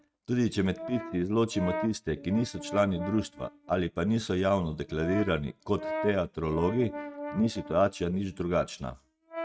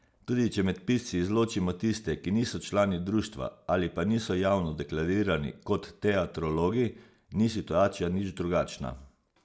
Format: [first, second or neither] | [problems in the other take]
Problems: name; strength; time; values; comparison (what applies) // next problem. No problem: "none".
second | noise reduction (neural mask model RNNoise)